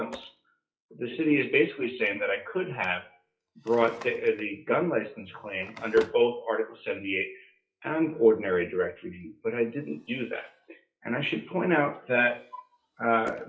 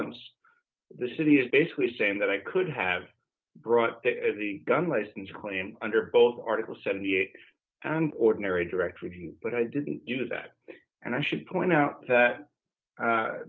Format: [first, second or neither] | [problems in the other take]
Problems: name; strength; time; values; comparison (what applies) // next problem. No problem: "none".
second | noise reduction (classical method WPE with log-MMSE)